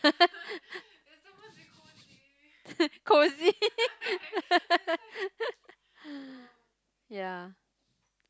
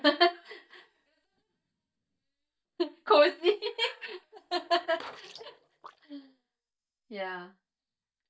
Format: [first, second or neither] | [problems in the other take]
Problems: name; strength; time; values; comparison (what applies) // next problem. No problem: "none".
first | noise reduction (neural mask model DeepFilterNet 3)